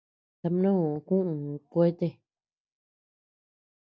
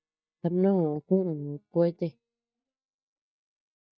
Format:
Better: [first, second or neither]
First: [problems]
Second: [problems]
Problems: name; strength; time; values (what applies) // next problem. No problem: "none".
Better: first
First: none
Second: noise reduction (neural mask model DeepFilterNet 3)